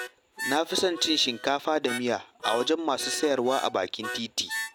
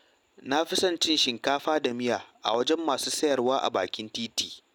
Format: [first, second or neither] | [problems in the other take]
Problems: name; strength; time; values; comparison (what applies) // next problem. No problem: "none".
second | background sound (Harmonica); 10 dB below the speech